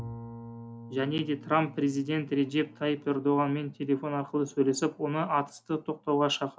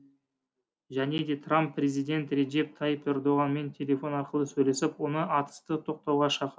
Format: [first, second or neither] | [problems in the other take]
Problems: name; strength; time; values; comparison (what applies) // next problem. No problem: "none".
second | background sound (Bowed string instrument); 19 dB below the speech